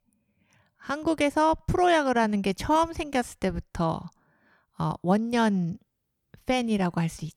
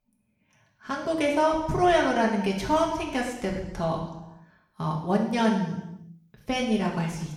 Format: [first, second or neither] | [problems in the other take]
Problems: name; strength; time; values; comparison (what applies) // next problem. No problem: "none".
first | room echo; noticeable; dies away in 0.9 s // off-mic speech; far